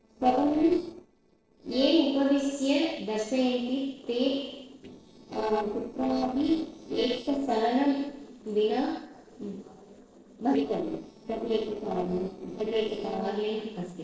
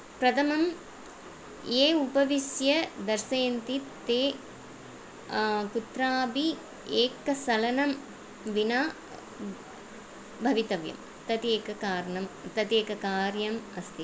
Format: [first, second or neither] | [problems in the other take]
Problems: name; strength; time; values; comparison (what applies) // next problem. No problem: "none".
second | noise reduction (neural separator model SepFormer DNS4)